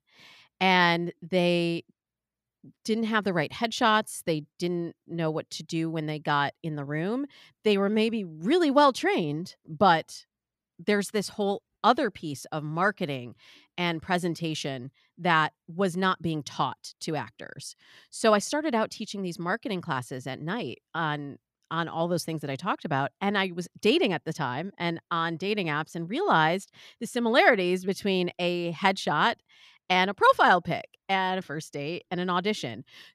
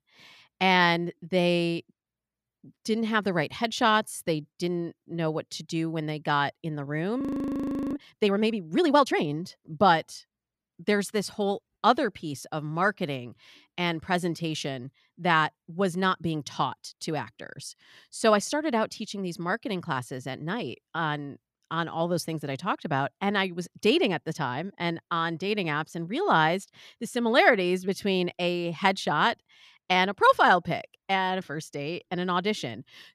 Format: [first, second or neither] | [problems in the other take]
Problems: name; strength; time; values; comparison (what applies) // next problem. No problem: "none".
first | audio freezing; at 7 s for 0.5 s